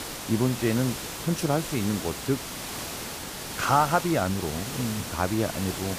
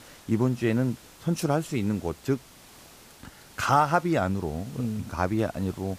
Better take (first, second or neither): second